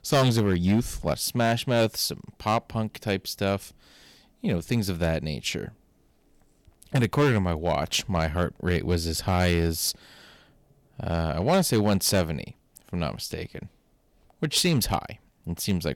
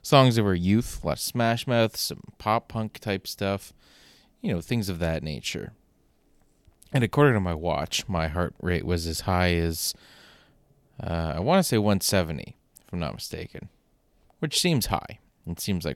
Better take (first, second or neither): second